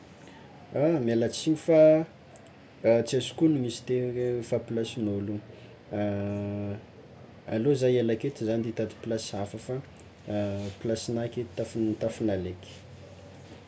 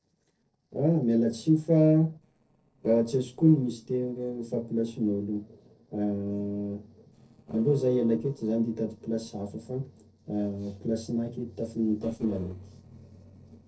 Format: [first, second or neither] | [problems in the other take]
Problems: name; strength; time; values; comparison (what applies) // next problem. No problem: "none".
first | noise reduction (neural separator model SepFormer DNS4)